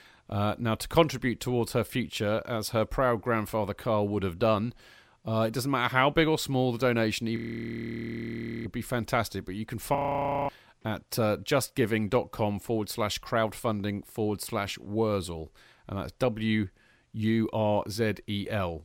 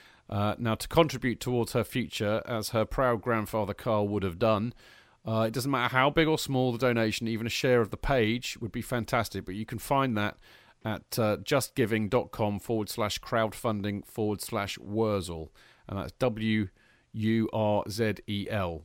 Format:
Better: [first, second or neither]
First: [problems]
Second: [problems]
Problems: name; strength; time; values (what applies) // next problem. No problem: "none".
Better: second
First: audio freezing; at 7.5 s for 1.5 s and at 10 s for 0.5 s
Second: none